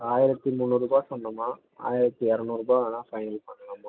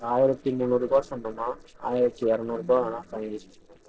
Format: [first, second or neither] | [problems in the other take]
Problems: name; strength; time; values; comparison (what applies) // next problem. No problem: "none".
first | noise reduction (neural separator model SepFormer DNS4)